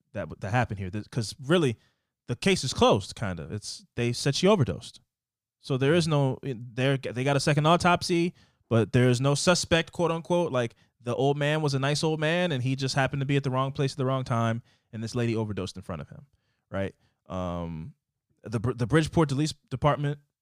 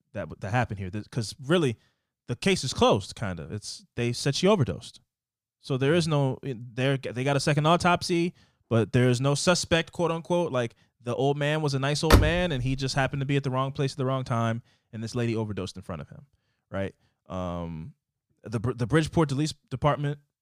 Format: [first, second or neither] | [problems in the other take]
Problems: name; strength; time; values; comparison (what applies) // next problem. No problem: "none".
first | door banging; loud; at 12 s; peak 5 dB above the speech